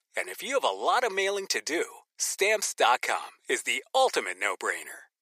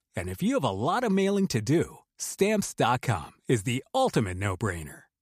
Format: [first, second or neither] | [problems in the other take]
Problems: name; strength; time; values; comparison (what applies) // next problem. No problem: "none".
second | thin; very; fading below 450 Hz